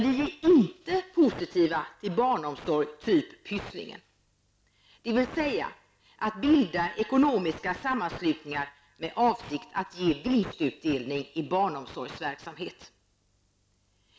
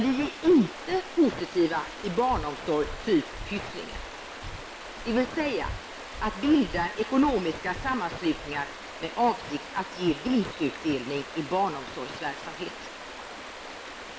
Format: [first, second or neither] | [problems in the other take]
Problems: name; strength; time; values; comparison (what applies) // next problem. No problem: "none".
first | background sound (Stream + Breathing); 11 dB below the speech